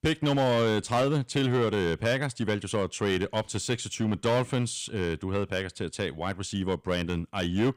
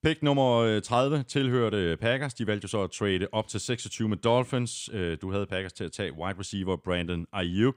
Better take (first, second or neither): second